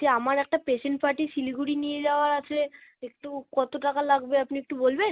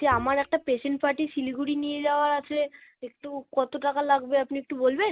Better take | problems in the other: first | background sound (Bowed string instrument); 15 dB below the speech

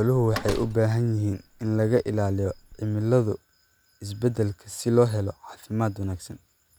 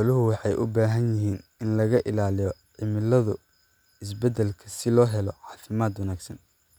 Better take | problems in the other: second | background sound (Slam); 14 dB below the speech

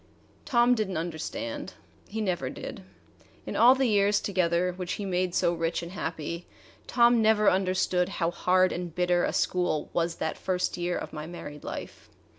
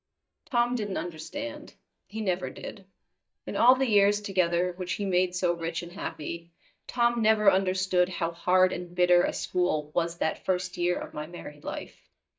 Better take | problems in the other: first | noise reduction (neural mask model DeepFilterNet 3)

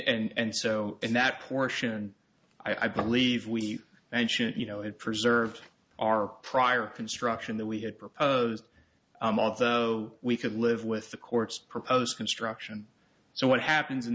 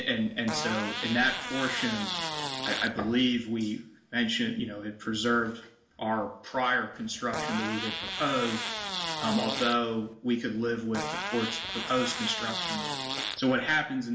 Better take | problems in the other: first | background sound (Fart); 4 dB below the speech // room echo; dies away in 0.5 s

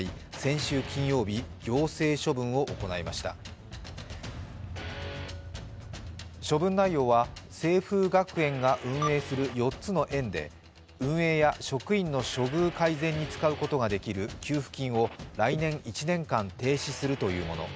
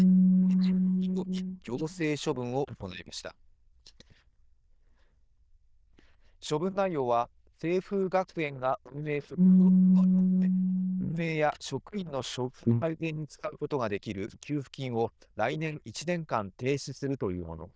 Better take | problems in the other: first | noise reduction (neural diffusion model UNIVERSE++)

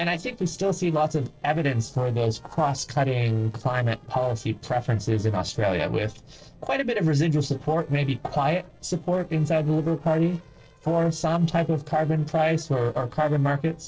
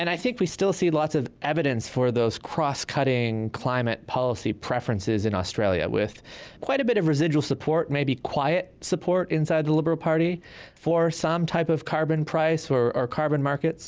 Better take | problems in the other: second | noise reduction (neural separator model SepFormer DNS4)

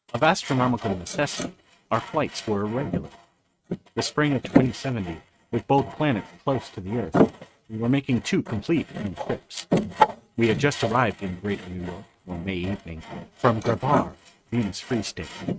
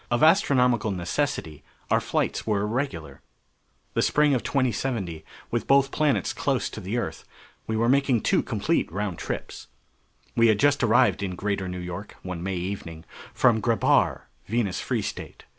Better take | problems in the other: second | noise reduction (neural mask model RNNoise)

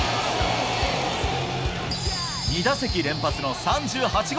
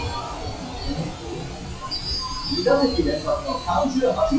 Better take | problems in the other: first | noise reduction (classical method WPE with log-MMSE)

